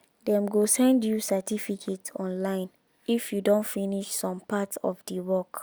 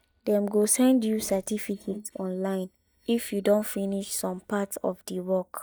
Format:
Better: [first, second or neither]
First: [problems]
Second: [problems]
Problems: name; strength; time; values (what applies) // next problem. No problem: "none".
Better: first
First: none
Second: noise reduction (neural mask model DeepFilterNet 3)